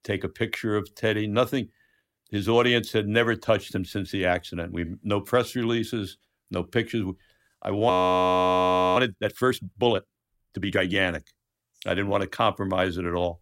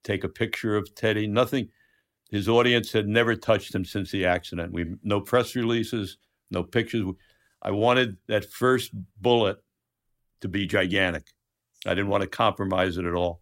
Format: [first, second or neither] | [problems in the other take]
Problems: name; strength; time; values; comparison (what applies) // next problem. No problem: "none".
second | audio freezing; at 8 s for 1 s